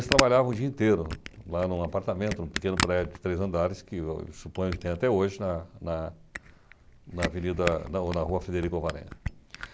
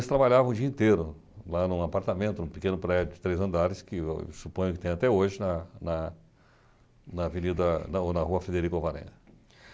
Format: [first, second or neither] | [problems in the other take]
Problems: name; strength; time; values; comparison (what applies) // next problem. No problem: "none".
second | background sound (Camera); 8 dB below the speech